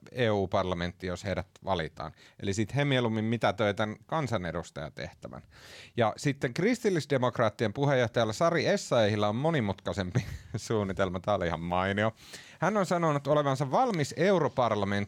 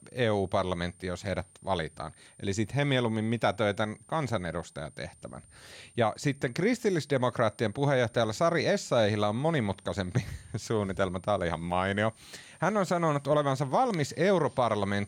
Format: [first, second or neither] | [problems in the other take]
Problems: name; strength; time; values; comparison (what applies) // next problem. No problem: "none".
first | high-pitched whine; faint; throughout; 9 kHz, 30 dB below the speech